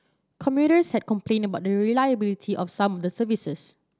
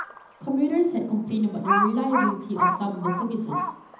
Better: first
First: none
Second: background sound (Crow); 2 dB below the speech // room echo; dies away in 0.8 s

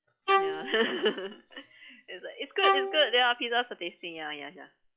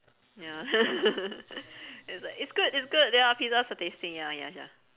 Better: second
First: noise reduction (classical method log-MMSE)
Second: none

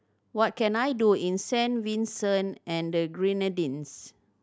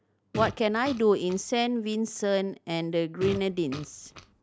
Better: first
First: none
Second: background sound (Fart); 12 dB below the speech

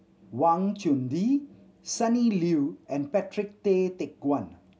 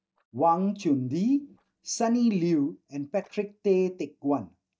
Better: first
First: none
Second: noise reduction (neural mask model DeepFilterNet 3)

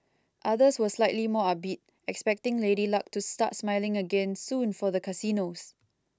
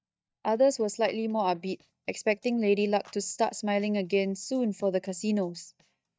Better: first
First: none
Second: noise reduction (neural mask model DeepFilterNet 3)

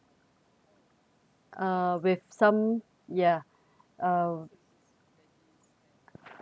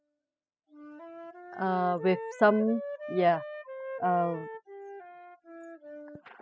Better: first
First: none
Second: noise reduction (classical method spectral subtraction)

